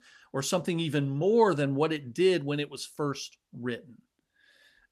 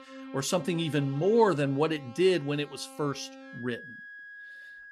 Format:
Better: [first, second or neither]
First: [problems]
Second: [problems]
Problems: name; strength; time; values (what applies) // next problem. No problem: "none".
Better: first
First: none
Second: background music; noticeable; throughout; 15 dB below the speech